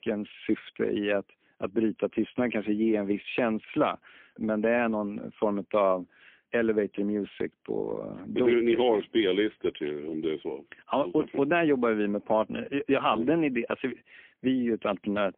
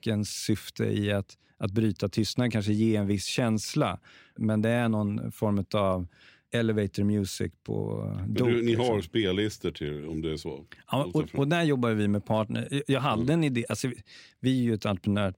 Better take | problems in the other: second | phone-call audio; poor line; nothing above 3.5 kHz

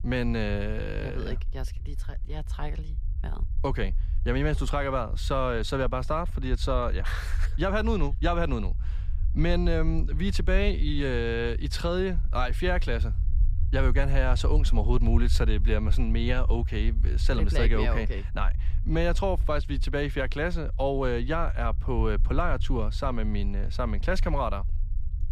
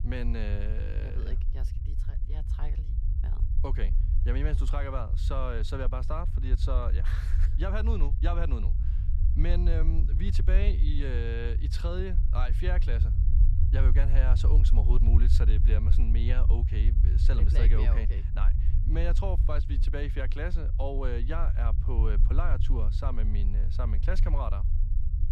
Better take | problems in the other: first | low rumble; loud; throughout; 8 dB below the speech; faint in the first

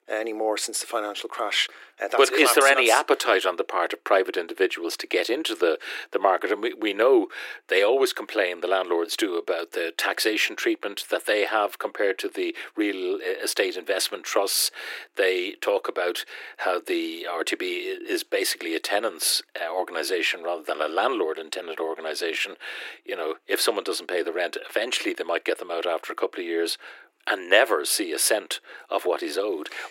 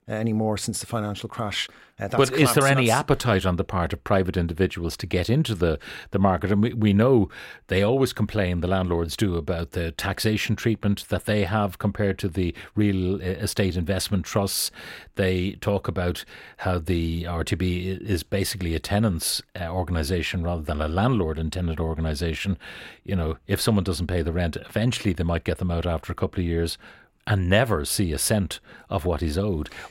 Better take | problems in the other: second | thin; very; fading below 300 Hz

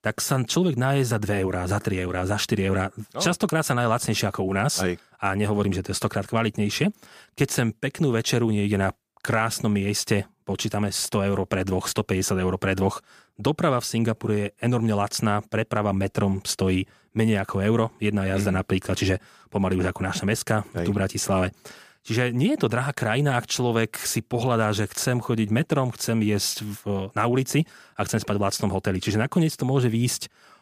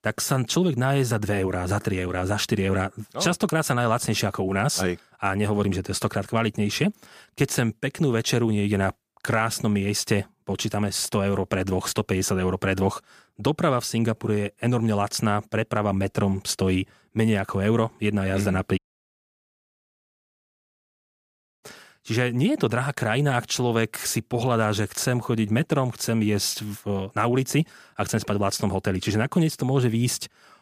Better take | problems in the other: first | audio cutting out; at 19 s for 3 s

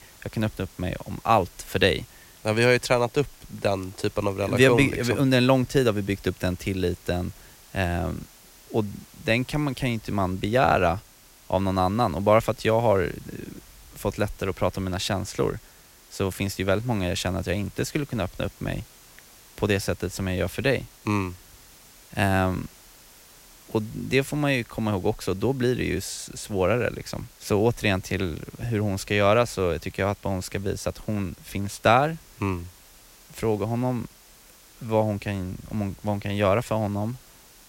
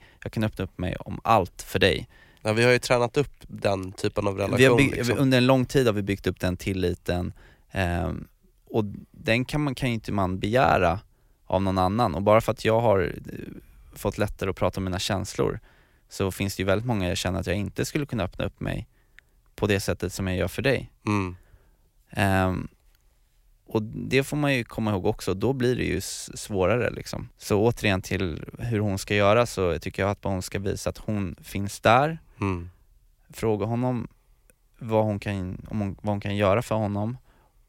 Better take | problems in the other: second | hiss; faint; throughout; 25 dB below the speech

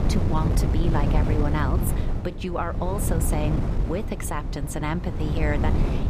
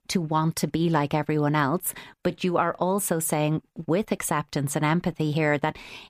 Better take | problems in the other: second | wind noise on the microphone; heavy; 4 dB below the speech

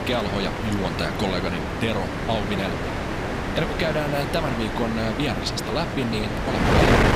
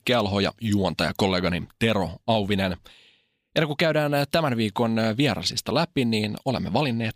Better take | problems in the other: second | wind noise on the microphone; heavy; 1 dB above the speech

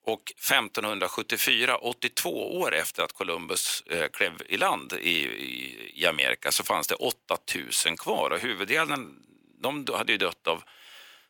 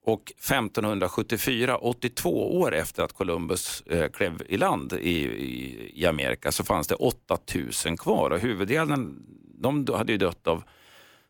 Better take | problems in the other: second | thin; somewhat; fading below 1 kHz

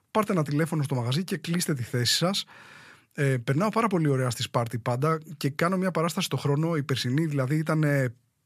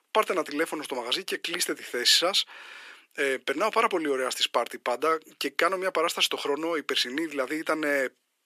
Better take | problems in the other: first | thin; very; fading below 300 Hz

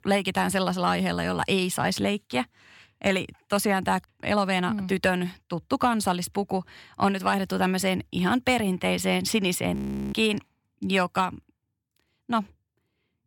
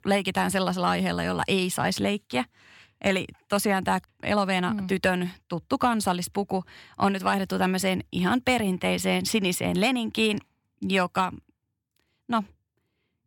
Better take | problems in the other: second | audio freezing; at 10 s

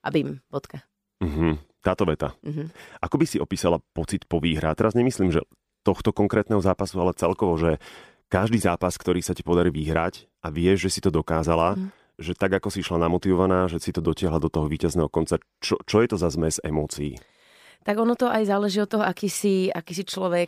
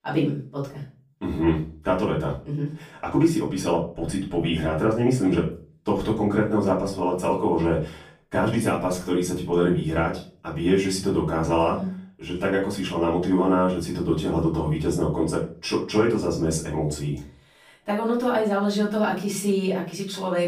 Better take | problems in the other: first | room echo; slight; dies away in 0.3 s // off-mic speech; far

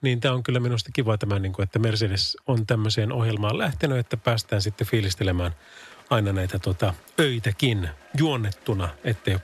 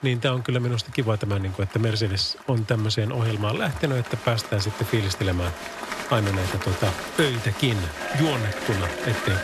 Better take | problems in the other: first | crowd noise; loud; throughout; 7 dB below the speech; faint in the first

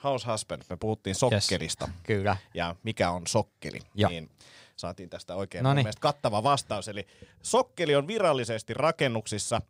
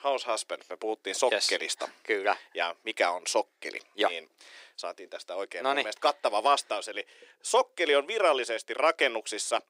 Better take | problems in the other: first | thin; very; fading below 350 Hz

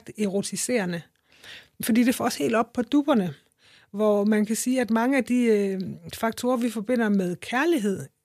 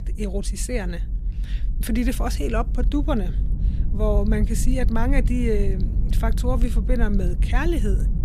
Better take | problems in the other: first | low rumble; noticeable; throughout; 15 dB below the speech

